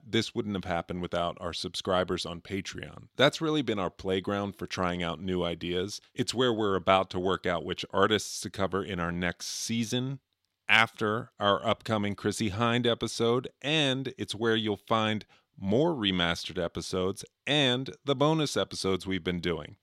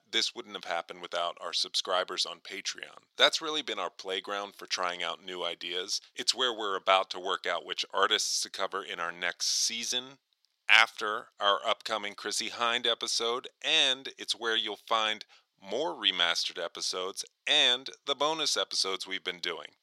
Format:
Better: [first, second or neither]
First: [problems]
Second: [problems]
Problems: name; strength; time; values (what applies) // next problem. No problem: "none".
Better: first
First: none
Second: thin; very; fading below 650 Hz